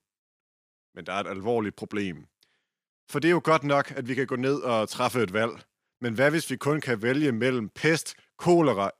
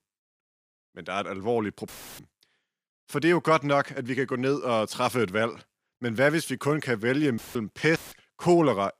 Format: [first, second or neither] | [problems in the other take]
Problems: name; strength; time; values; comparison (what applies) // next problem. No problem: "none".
first | audio cutting out; filled with static; at 2 s, at 7.5 s and at 8 s